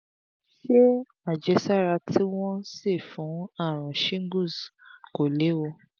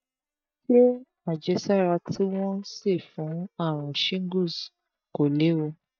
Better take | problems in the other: first | noise reduction (neural mask model DeepFilterNet 3)

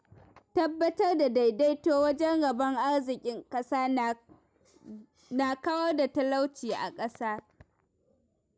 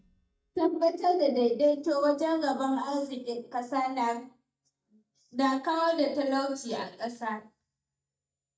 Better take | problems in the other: first | noise reduction (neural mask model DeepFilterNet 3)

